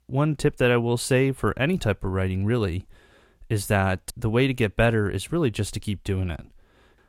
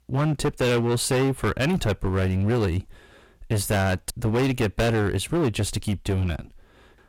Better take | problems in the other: first | distortion; heavy; 17% of the sound clipped

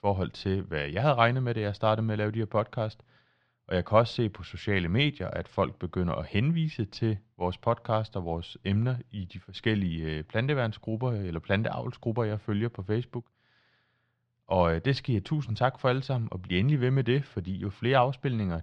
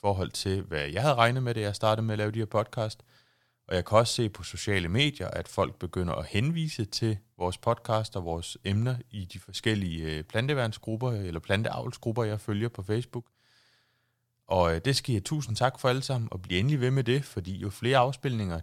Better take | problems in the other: second | muffled; slightly; fading above 3.5 kHz

